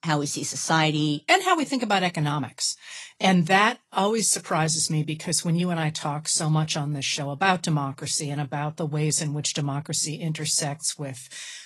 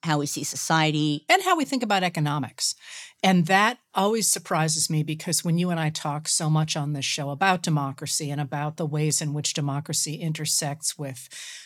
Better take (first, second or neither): second